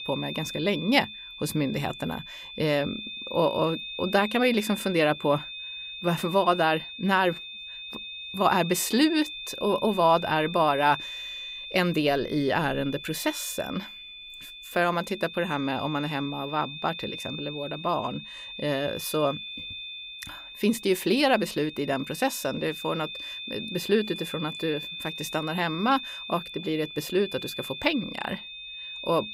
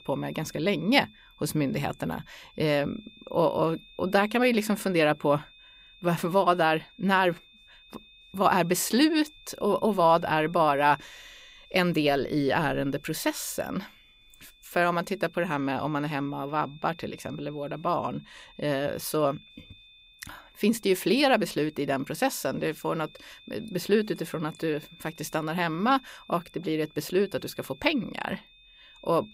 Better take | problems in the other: second | high-pitched whine; loud; throughout; 3.5 kHz, 10 dB below the speech; faint in the second

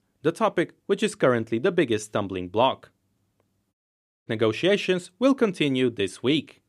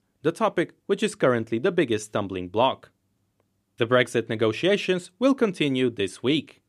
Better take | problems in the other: second | audio cutting out; at 3.5 s for 0.5 s

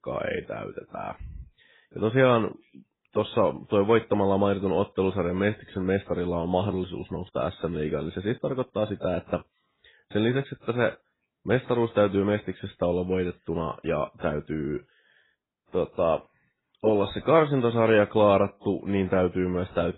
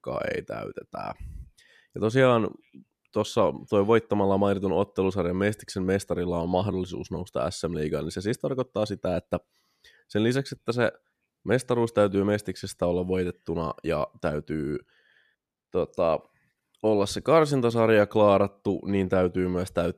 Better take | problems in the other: second | garbled, watery; badly; nothing above 4 kHz

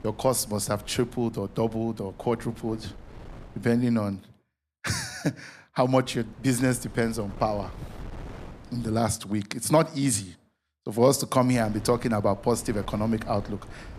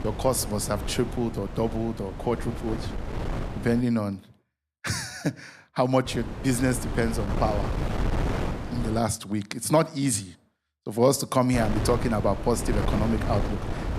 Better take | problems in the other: first | wind noise on the microphone; heavy; until 4 s, from 6 to 9 s and from 12 s on; 8 dB below the speech; occasional gusts in the first

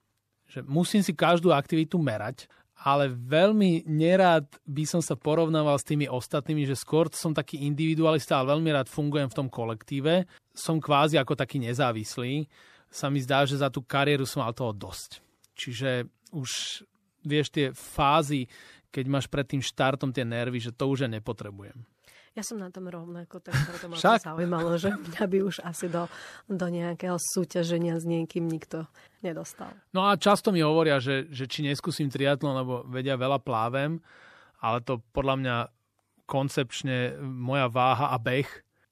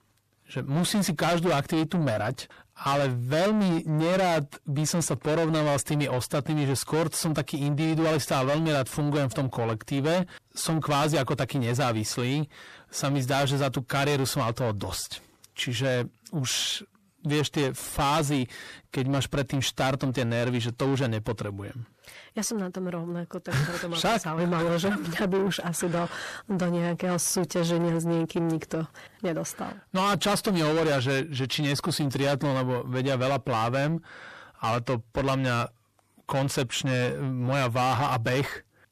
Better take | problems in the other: first | distortion; heavy; 6 dB below the speech

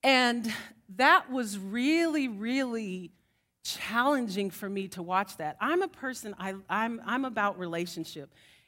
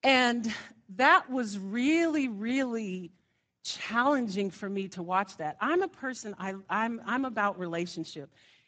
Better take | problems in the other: first | garbled, watery; badly; nothing above 7.5 kHz

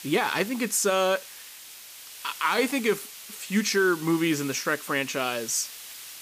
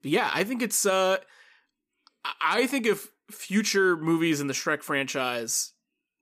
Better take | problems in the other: second | hiss; noticeable; throughout; 15 dB below the speech

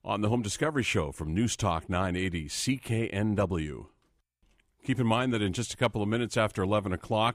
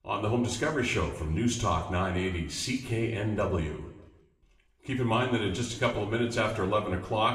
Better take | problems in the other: first | room echo; slight; dies away in 0.8 s // off-mic speech; somewhat distant

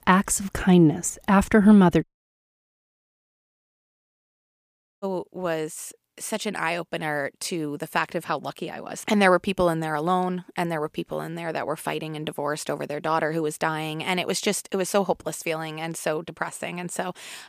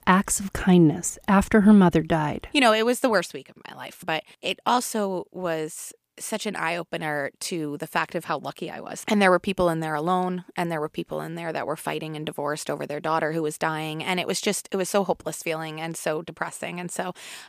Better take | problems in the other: second | audio cutting out; at 2 s for 3 s

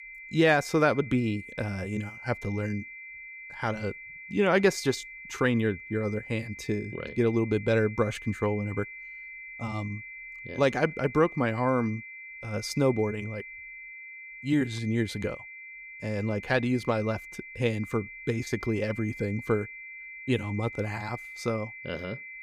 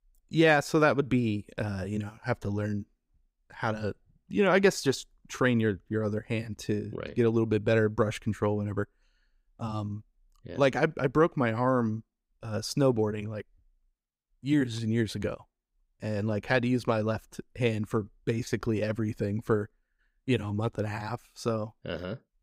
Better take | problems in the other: second | high-pitched whine; noticeable; throughout; 2 kHz, 15 dB below the speech

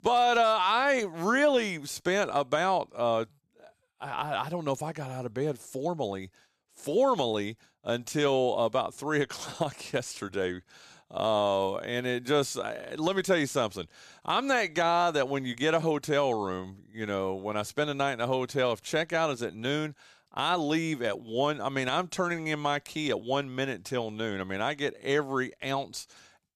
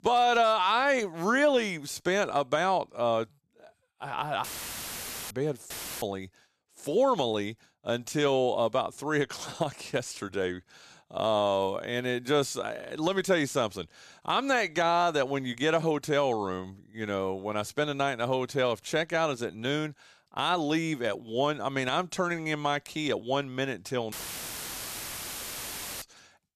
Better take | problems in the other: first | audio cutting out; filled with static; at 4.5 s for 1 s, at 5.5 s and at 24 s for 2 s

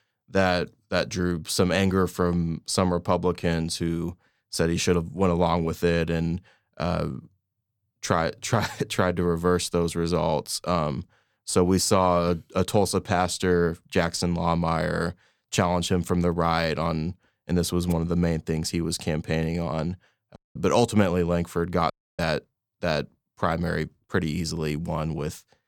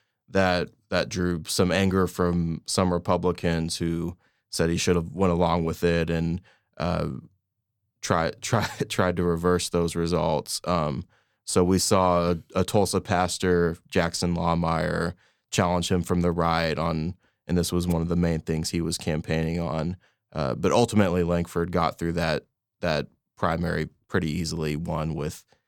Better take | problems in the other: second | audio cutting out; at 20 s and at 22 s

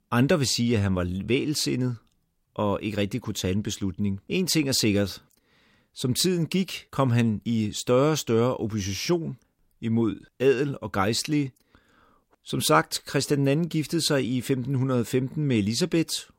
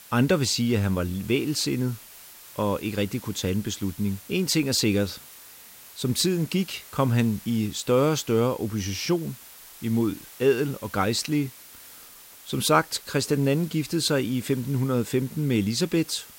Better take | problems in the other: first | hiss; noticeable; throughout; 20 dB below the speech

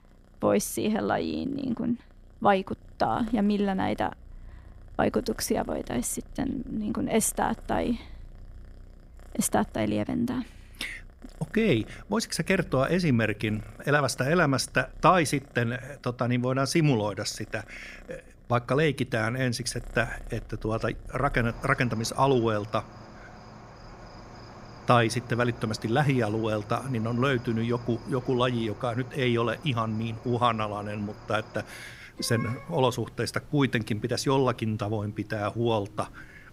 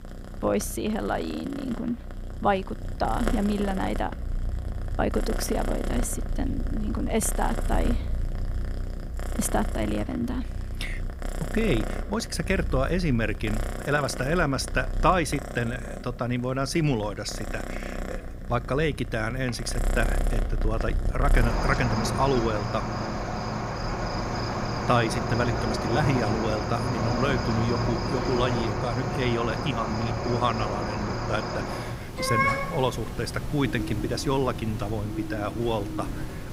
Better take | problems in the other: first | animal sounds; loud; throughout; 3 dB below the speech; faint in the first

